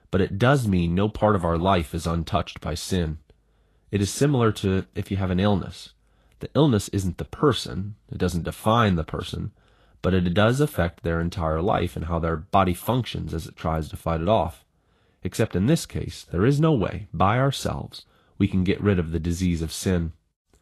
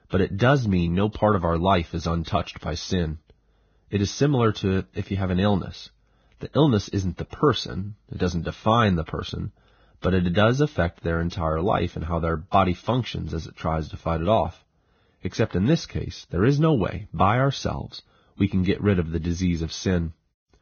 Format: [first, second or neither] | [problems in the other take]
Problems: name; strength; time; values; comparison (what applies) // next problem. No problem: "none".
first | garbled, watery; badly; nothing above 6.5 kHz; slightly in the first